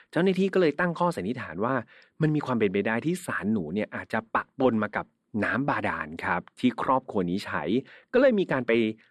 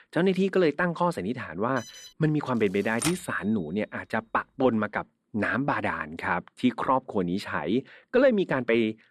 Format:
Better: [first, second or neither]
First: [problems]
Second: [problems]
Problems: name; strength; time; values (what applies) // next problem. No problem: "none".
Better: first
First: none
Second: alarm; faint; at 2 s; peak 15 dB below the speech // keyboard typing; noticeable; at 3 s; peak 5 dB below the speech